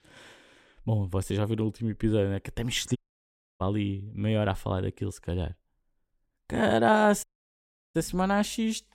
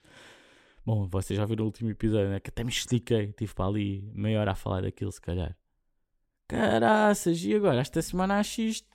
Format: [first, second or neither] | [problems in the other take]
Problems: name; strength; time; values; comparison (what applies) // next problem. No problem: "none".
second | audio cutting out; at 3 s for 0.5 s and at 7 s for 0.5 s